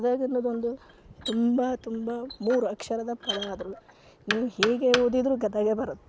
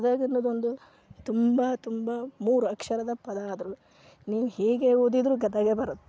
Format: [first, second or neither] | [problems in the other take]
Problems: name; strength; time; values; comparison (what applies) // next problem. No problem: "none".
second | background sound (Knock); 10 dB below the speech